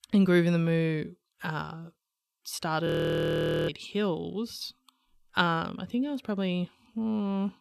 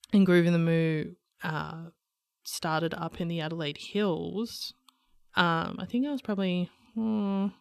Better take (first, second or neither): second